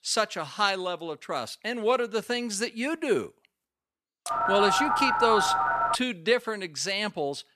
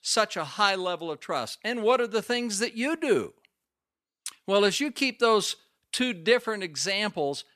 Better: second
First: phone ringing; loud; from 4.5 to 6 s; peak 3 dB above the speech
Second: none

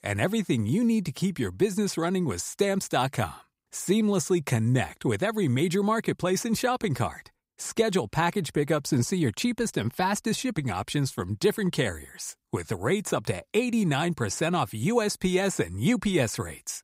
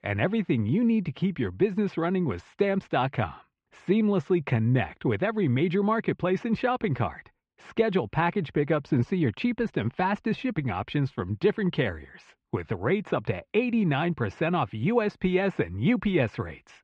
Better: first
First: none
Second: muffled; very; fading above 3 kHz

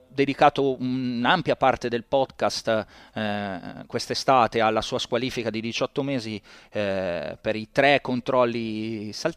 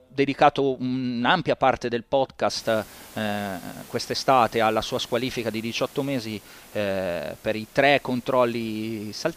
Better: first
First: none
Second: hiss; faint; from 2.5 s on; 20 dB below the speech

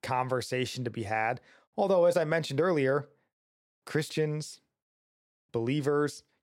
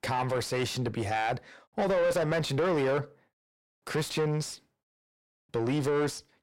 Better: first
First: none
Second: distortion; heavy; 7 dB below the speech

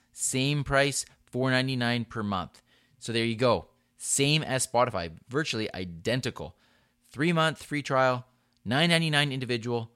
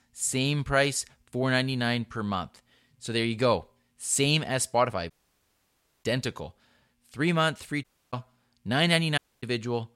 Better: first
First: none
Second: audio cutting out; at 5 s for 1 s, at 8 s and at 9 s

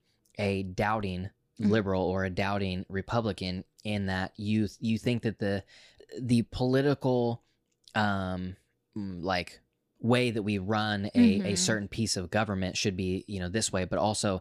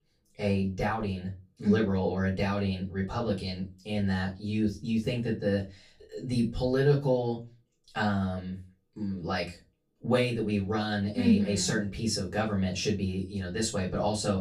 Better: first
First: none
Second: off-mic speech; far // room echo; very slight; dies away in 0.2 s

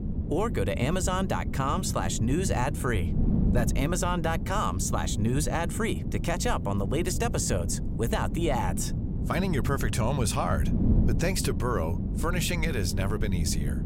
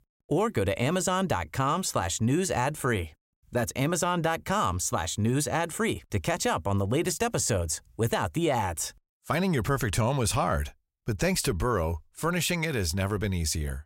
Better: second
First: wind noise on the microphone; heavy; 10 dB below the speech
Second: none

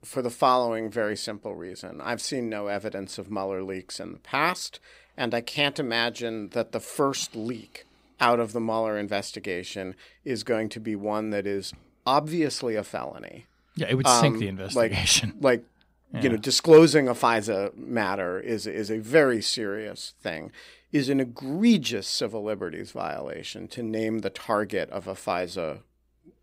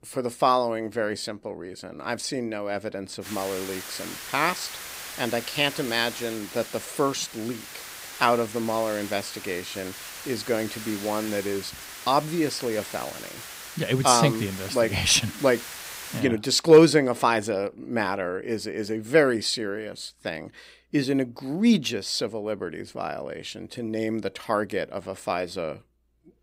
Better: first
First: none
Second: hiss; noticeable; from 3 to 16 s; 10 dB below the speech

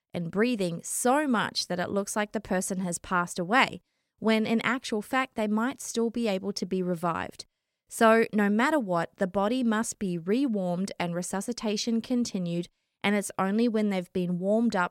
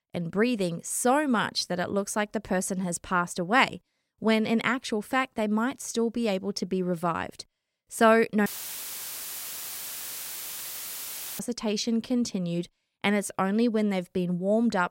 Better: first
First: none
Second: audio cutting out; filled with static; at 8.5 s for 3 s

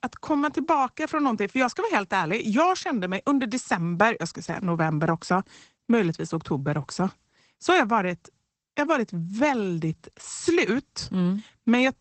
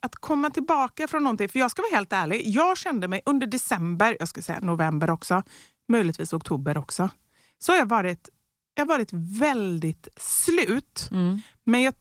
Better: second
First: garbled, watery; badly; nothing above 8 kHz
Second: garbled, watery; slightly; nothing above 16.5 kHz

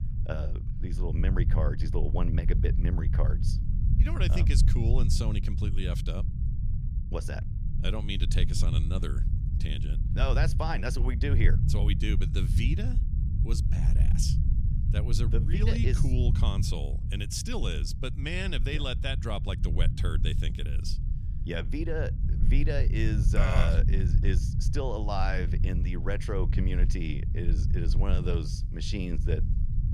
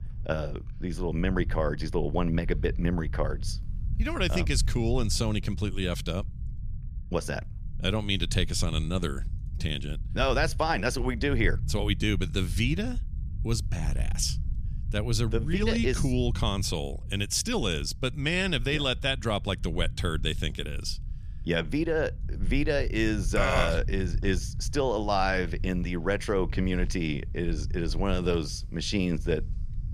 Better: second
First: low rumble; loud; throughout; 7 dB below the speech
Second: low rumble; faint; throughout; 20 dB below the speech

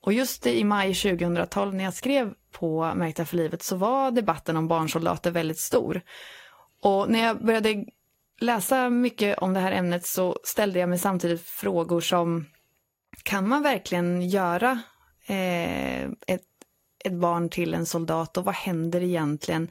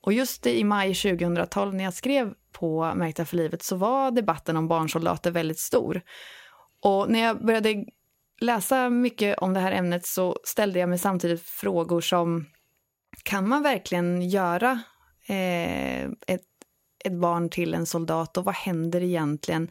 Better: second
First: garbled, watery; slightly; nothing above 16 kHz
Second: none

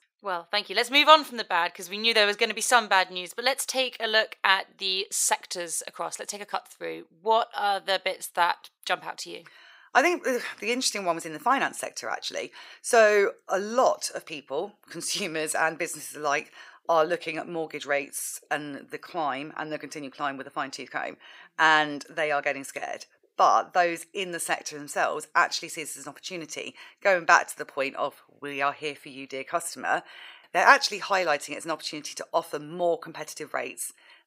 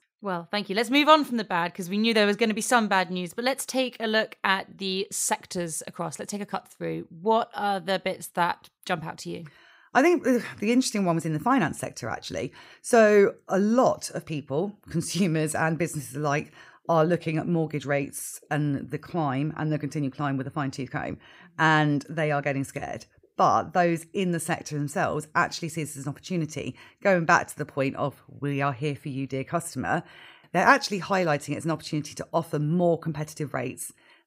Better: second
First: thin; somewhat; fading below 550 Hz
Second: none

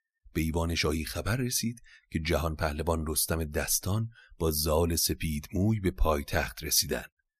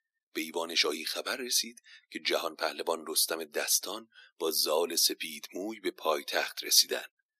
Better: first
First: none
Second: thin; very; fading below 300 Hz

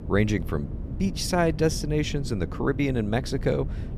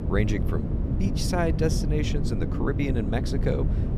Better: first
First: wind noise on the microphone; occasional gusts; 15 dB below the speech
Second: wind noise on the microphone; heavy; 6 dB below the speech

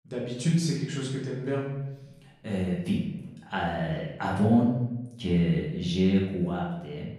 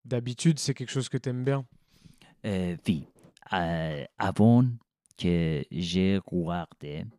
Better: second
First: off-mic speech; far // room echo; noticeable; dies away in 0.8 s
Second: none

